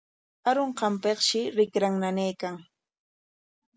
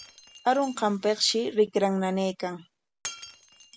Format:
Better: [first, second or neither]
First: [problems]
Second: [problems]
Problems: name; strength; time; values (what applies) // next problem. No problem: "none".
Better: first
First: none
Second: background sound (Shatter); 20 dB below the speech